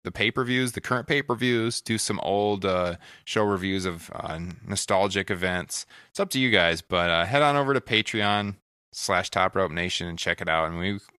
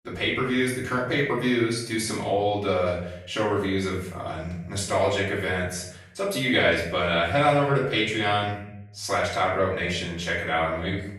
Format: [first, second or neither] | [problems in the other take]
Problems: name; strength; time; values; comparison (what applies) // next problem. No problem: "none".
first | off-mic speech; far // room echo; noticeable; dies away in 0.8 s